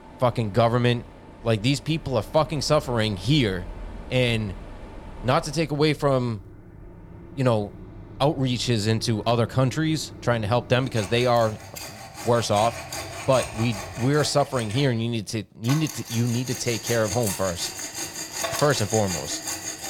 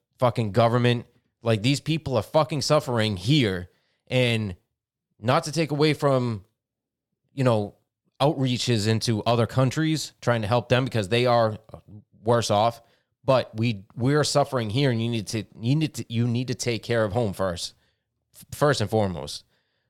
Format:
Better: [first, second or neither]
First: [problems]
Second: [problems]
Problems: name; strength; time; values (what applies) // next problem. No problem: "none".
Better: second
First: machinery noise; noticeable; throughout; 10 dB below the speech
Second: none